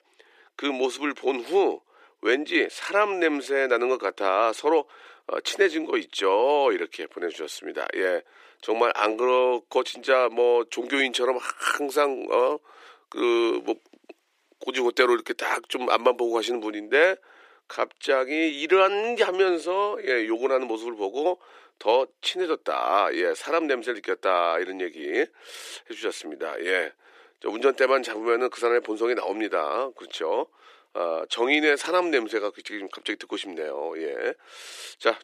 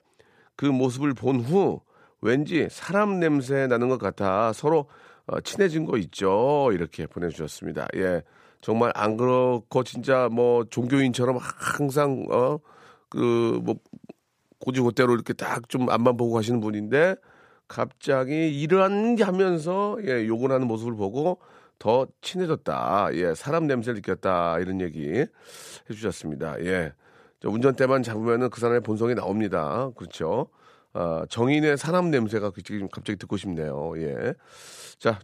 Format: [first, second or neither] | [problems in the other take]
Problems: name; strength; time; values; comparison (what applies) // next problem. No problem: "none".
second | thin; somewhat; fading below 350 Hz